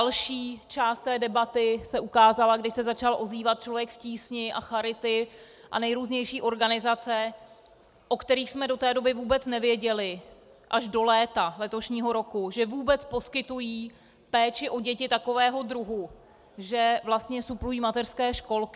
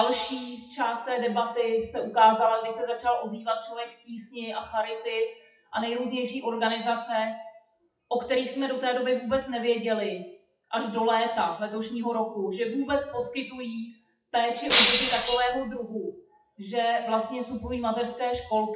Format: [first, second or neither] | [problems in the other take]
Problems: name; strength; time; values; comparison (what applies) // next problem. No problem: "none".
first | noise reduction (classical method WPE with log-MMSE)